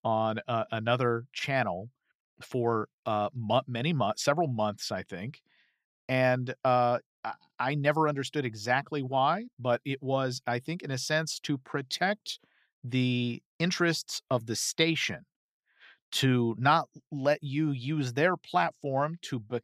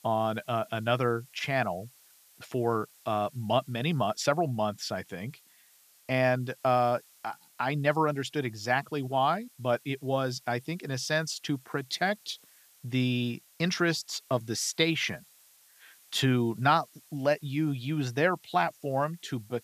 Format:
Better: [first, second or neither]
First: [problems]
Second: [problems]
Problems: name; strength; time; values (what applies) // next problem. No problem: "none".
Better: first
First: none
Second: hiss; faint; throughout; 25 dB below the speech